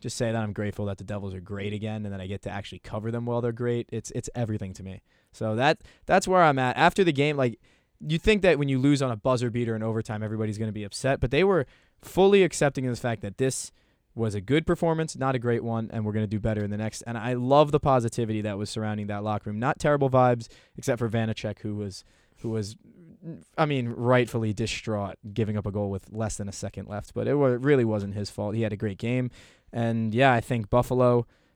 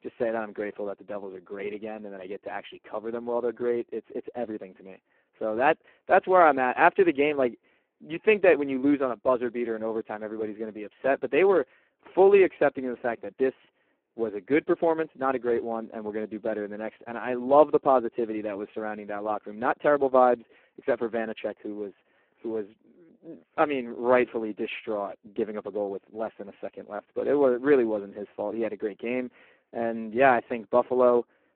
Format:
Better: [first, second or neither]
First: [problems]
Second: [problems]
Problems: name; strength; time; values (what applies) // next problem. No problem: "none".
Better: first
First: none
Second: phone-call audio; poor line